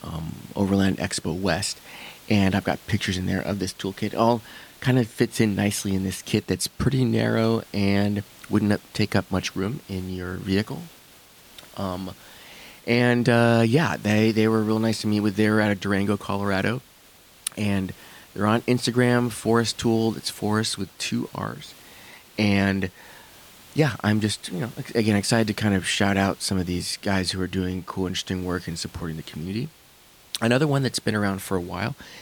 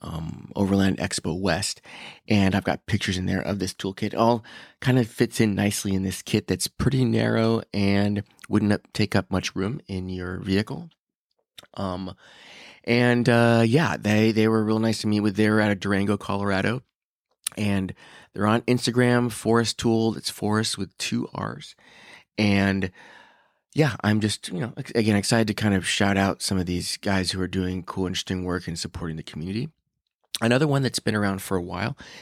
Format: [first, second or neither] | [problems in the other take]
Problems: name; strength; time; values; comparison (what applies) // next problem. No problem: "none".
second | hiss; faint; throughout; 25 dB below the speech